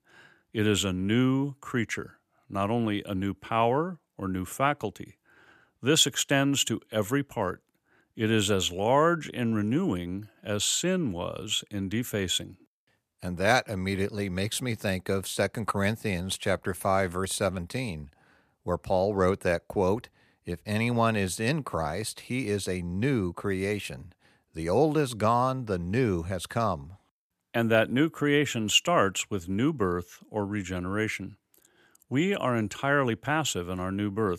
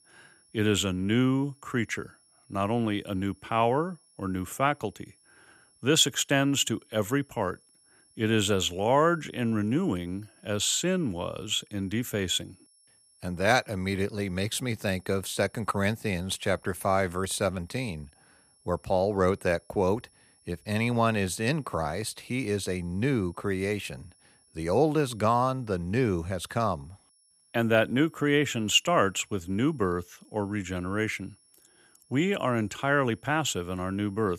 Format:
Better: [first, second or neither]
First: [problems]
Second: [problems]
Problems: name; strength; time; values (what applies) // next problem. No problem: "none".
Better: first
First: none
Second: high-pitched whine; faint; throughout; 10.5 kHz, 30 dB below the speech